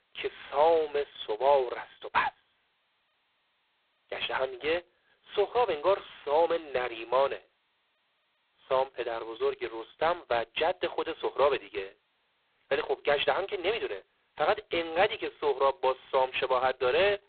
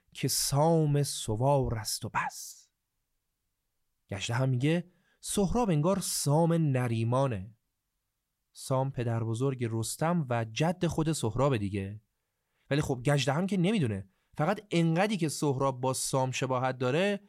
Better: second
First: phone-call audio; poor line; nothing above 4 kHz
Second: none

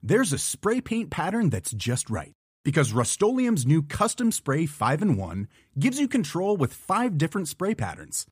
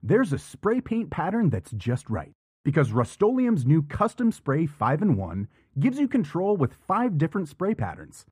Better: first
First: none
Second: muffled; very; fading above 3 kHz

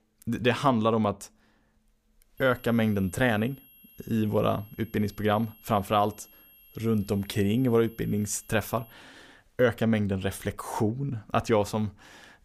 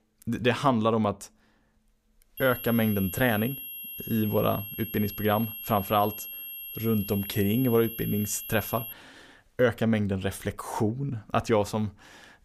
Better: first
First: high-pitched whine; faint; from 2.5 to 9 s; 11.5 kHz, 25 dB below the speech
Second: high-pitched whine; loud; from 2.5 to 9 s; 11.5 kHz, 9 dB below the speech

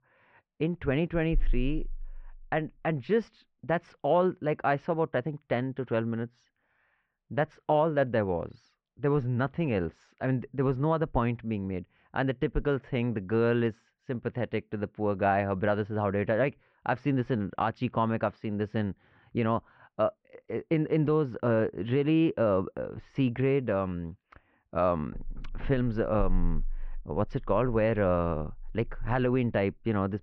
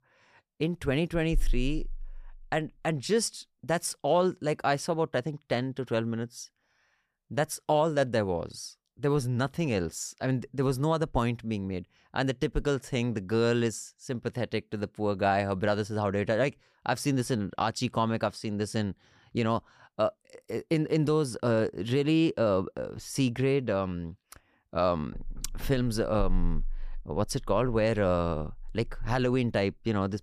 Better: second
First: muffled; very; fading above 2.5 kHz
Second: none

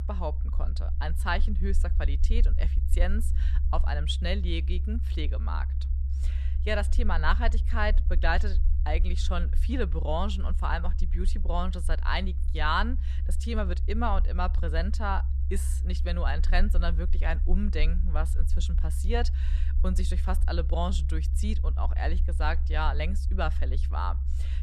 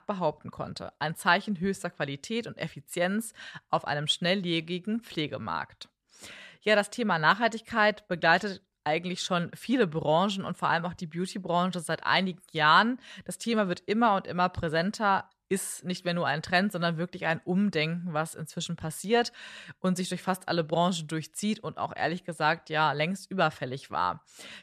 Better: second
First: low rumble; noticeable; throughout; 15 dB below the speech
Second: none

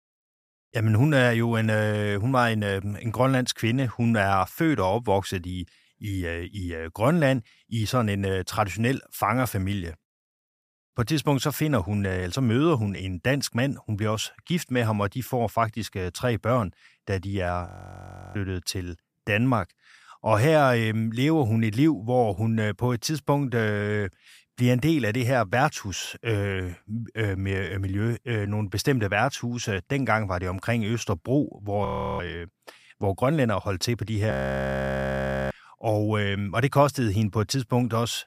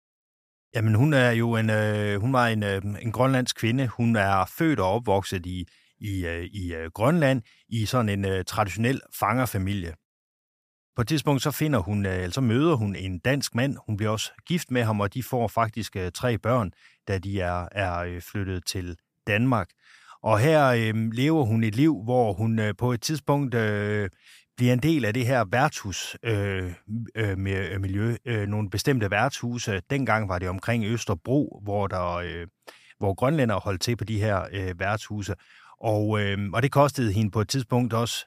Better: second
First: audio freezing; at 18 s for 0.5 s, at 32 s and at 34 s for 1 s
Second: none

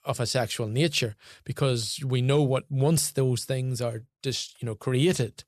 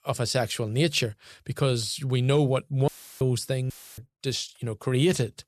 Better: first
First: none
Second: audio cutting out; filled with static; at 3 s and at 3.5 s

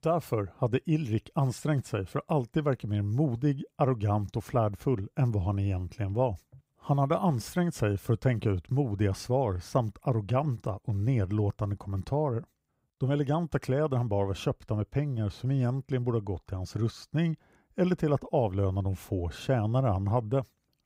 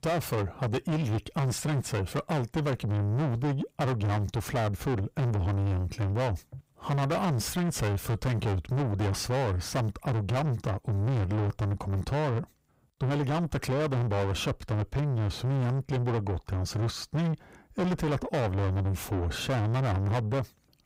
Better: first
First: none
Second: distortion; heavy; 6 dB below the speech

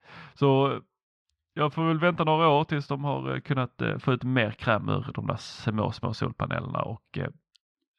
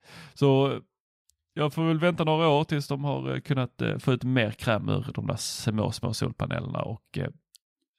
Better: second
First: muffled; slightly; fading above 3 kHz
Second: none

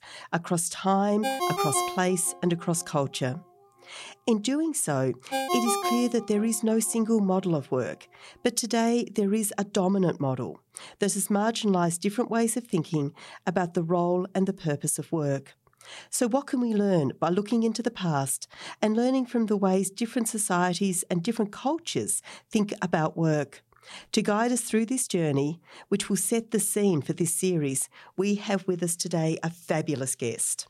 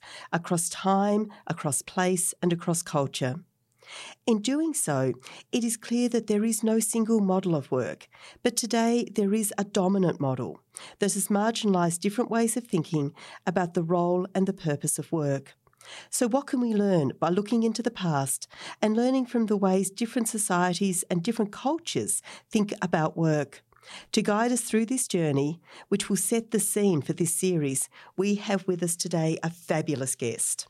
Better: second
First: phone ringing; noticeable; from 1 to 6.5 s; peak level with the speech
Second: none

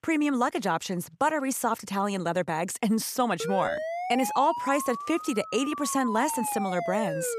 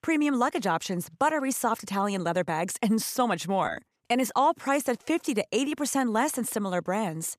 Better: second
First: siren; noticeable; from 3.5 s on; peak 4 dB below the speech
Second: none

